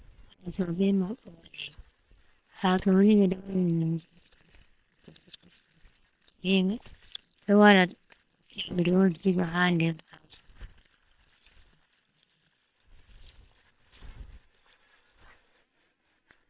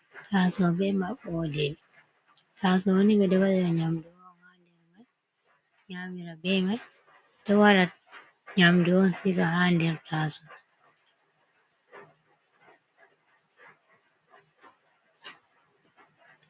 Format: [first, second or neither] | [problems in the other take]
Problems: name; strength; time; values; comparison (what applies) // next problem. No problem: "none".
second | noise reduction (neural separator model SepFormer WHAM!)